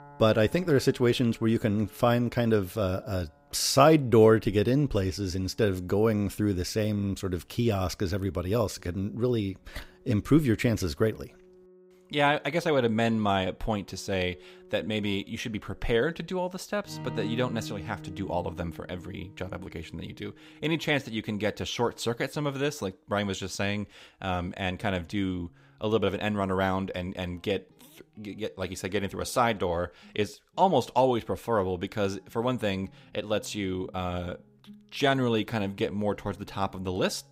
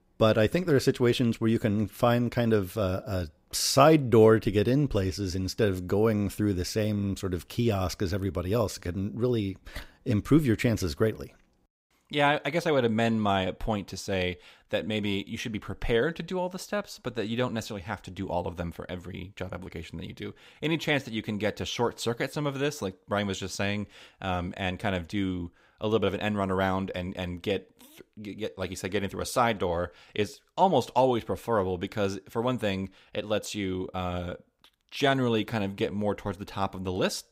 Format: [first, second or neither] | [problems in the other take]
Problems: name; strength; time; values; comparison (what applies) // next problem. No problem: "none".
second | background music; faint; throughout; 20 dB below the speech